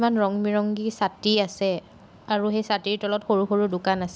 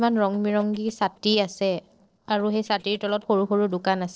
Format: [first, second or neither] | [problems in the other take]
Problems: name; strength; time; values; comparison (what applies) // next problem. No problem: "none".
first | noise reduction (neural separator model SepFormer DNS4)